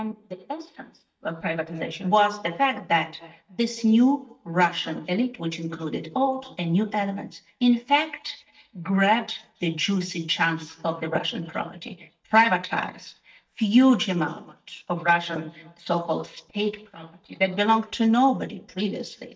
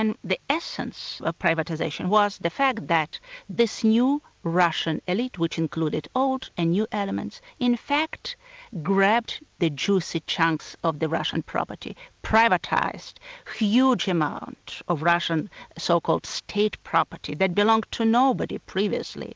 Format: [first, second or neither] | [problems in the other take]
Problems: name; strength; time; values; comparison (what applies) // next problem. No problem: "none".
second | noise reduction (neural mask model DeepFilterNet 3)